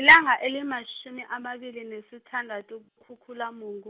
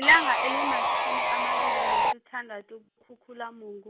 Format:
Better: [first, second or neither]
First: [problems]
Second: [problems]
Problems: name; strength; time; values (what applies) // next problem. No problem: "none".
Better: first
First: none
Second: background sound (Sawing); 4 dB above the speech